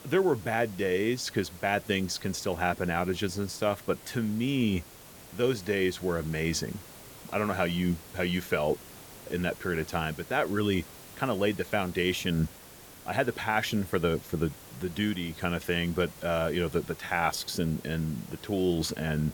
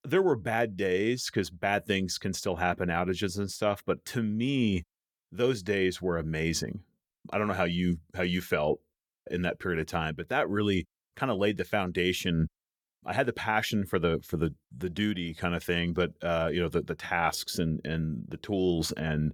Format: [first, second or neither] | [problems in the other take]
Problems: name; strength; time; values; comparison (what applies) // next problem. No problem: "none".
second | hiss; noticeable; throughout; 15 dB below the speech